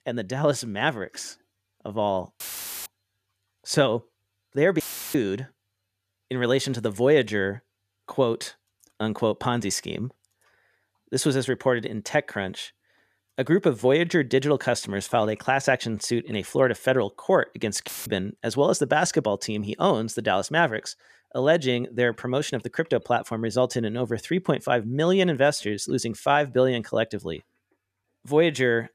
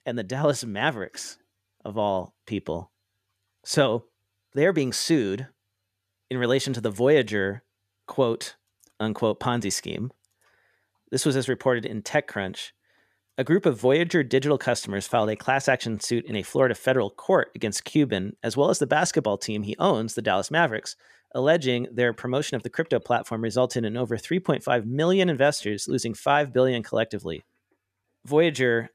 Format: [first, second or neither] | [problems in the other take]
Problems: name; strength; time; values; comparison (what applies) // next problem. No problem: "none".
second | audio cutting out; filled with static; at 2.5 s, at 5 s and at 18 s